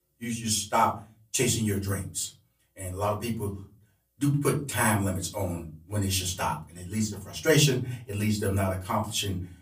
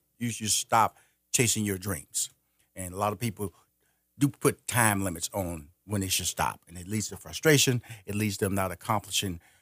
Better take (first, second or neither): second